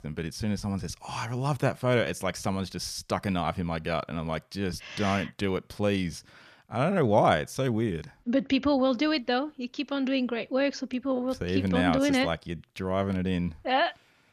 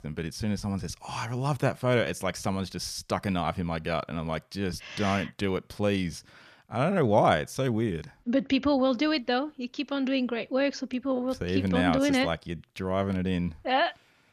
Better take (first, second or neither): neither